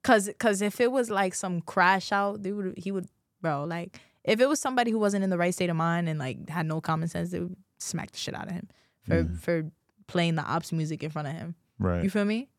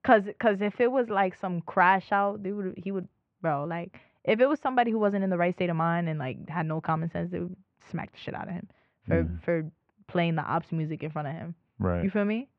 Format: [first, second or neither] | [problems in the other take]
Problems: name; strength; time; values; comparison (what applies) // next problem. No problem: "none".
first | muffled; very; fading above 2.5 kHz